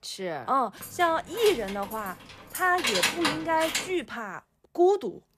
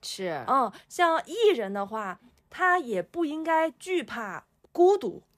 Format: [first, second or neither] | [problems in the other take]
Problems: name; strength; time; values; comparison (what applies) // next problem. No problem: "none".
second | jangling keys; loud; from 1 to 4 s; peak 3 dB above the speech